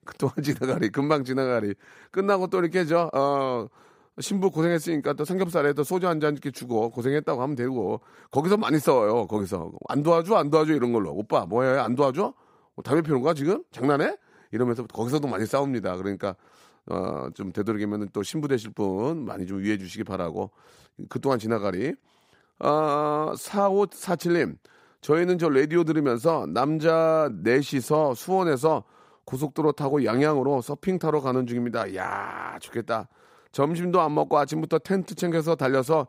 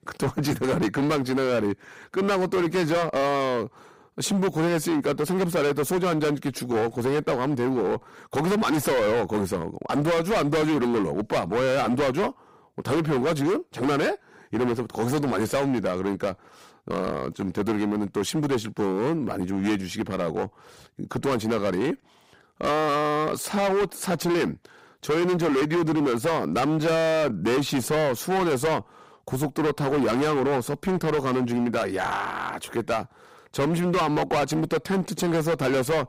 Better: first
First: none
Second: distortion; heavy; 21% of the sound clipped

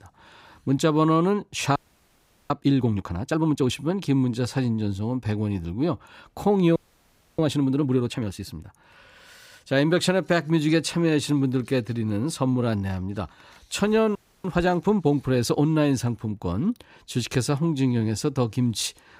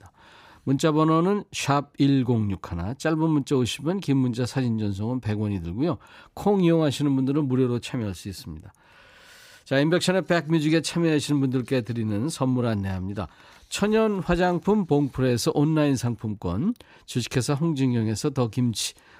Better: second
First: audio freezing; at 2 s for 0.5 s, at 7 s for 0.5 s and at 14 s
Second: none

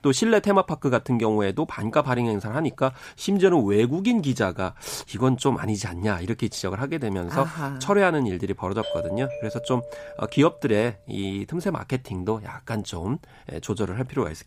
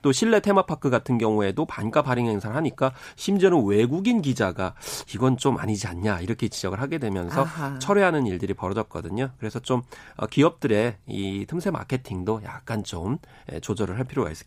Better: second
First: doorbell; noticeable; from 9 to 11 s; peak 5 dB below the speech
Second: none

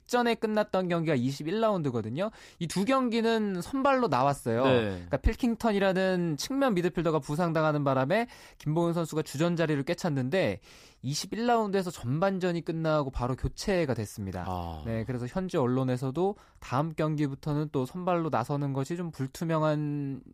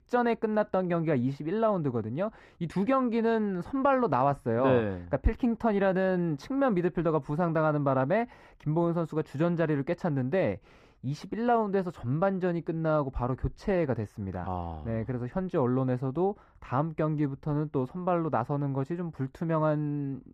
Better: first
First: none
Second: muffled; very; fading above 3 kHz

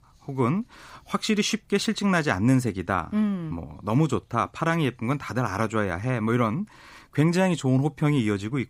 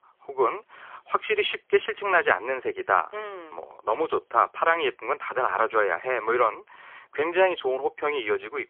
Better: first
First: none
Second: phone-call audio; poor line; nothing above 3.5 kHz

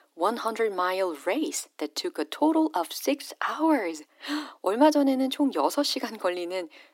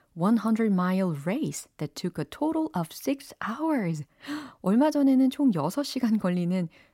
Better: second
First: thin; somewhat; fading below 300 Hz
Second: none

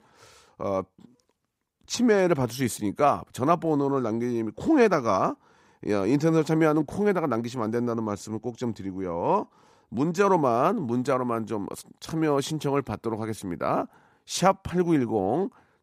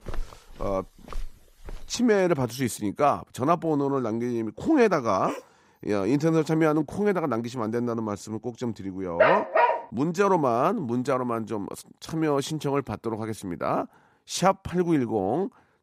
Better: first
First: none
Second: footsteps; faint; until 2 s; peak 15 dB below the speech // dog barking; faint; at 5.5 s; peak 15 dB below the speech // dog barking; loud; at 9 s; peak 4 dB above the speech

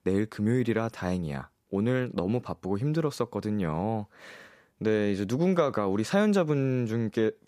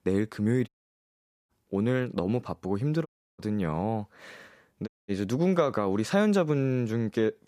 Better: first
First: none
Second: audio cutting out; at 0.5 s for 1 s, at 3 s and at 5 s

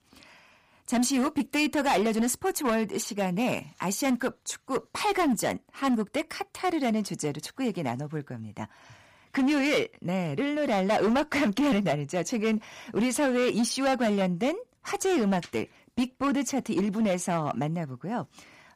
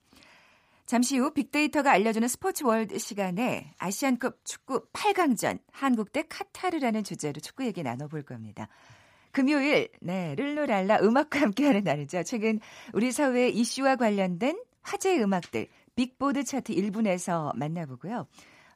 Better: second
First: distortion; slight; 10% of the sound clipped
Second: none

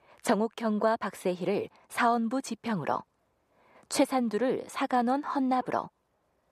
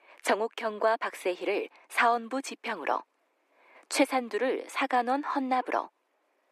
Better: first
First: none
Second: thin; very slightly; fading below 300 Hz

